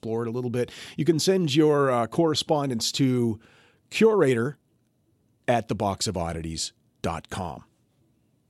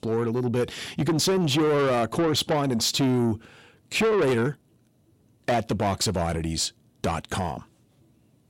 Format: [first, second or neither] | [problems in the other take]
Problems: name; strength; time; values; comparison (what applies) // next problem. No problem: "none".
first | distortion; heavy; 7 dB below the speech